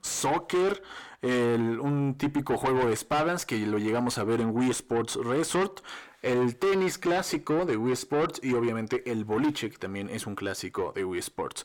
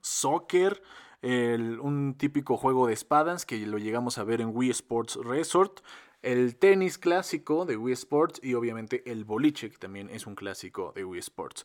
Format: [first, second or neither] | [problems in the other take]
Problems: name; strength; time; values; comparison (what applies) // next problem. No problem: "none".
second | distortion; heavy; 6 dB below the speech